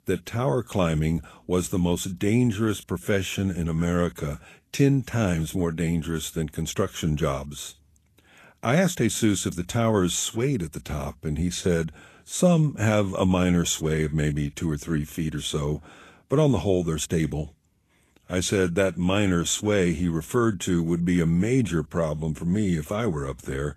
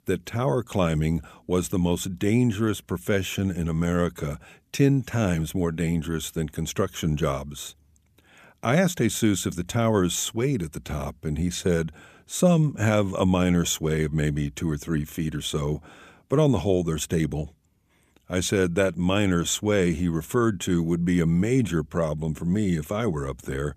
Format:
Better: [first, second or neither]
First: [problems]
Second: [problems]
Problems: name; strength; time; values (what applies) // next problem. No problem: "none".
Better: second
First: garbled, watery; slightly; nothing above 13 kHz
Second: none